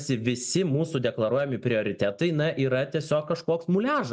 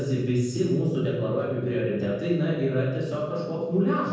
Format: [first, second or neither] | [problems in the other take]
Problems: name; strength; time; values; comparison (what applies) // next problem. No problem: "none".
first | room echo; dies away in 1.3 s